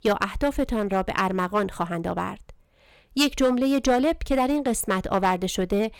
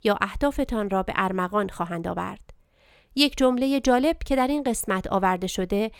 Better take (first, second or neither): second